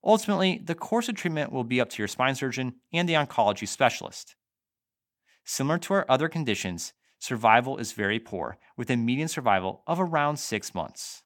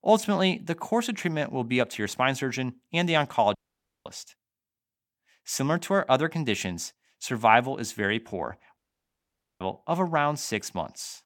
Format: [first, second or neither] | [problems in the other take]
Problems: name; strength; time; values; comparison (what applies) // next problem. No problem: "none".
first | audio cutting out; at 3.5 s for 0.5 s and at 9 s for 1 s